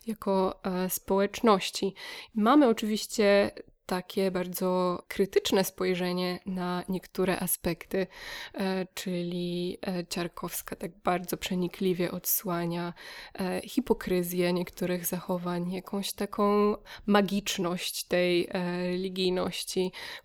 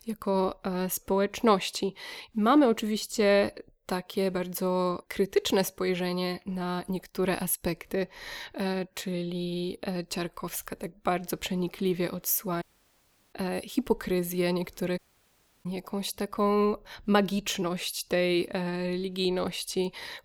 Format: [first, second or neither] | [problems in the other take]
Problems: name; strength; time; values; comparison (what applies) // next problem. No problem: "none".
first | audio cutting out; at 13 s for 0.5 s and at 15 s for 0.5 s